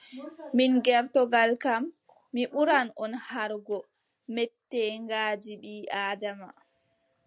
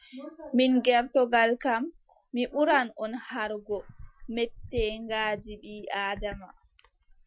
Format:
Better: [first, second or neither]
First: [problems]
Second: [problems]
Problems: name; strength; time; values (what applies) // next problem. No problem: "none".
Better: first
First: none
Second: noise reduction (classical method Wiener filter)